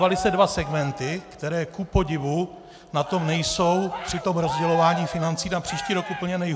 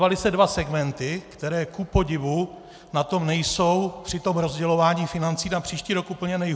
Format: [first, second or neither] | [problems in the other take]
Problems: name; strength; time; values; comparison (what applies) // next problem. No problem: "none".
second | background sound (Cheering); 9 dB below the speech